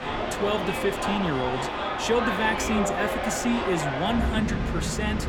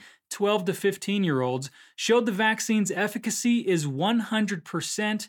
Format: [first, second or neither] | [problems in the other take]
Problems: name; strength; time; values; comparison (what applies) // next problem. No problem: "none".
second | train or aircraft noise; loud; throughout; as loud as the speech